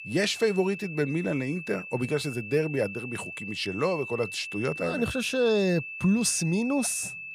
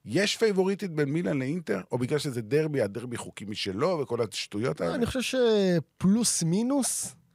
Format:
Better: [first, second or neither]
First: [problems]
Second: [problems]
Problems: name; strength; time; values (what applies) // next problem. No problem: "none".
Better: second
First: high-pitched whine; loud; throughout; 2.5 kHz, 9 dB below the speech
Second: none